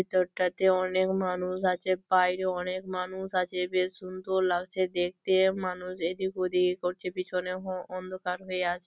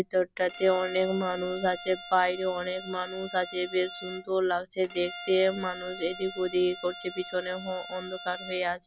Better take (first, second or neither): first